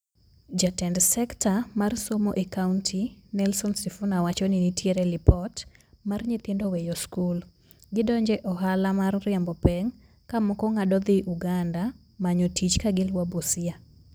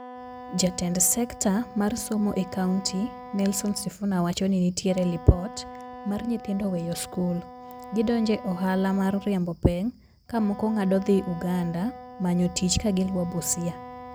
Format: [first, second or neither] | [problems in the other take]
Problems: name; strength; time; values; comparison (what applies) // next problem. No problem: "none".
first | background sound (Wind instrument, woodwind instrument); 16 dB below the speech